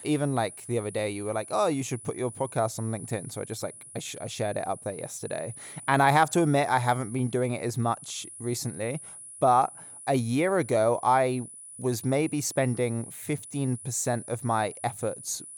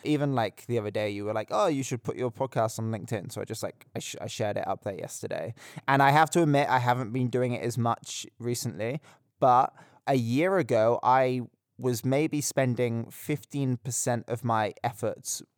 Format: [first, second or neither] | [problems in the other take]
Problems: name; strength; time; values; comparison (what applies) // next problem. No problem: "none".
second | high-pitched whine; noticeable; throughout; 10 kHz, 15 dB below the speech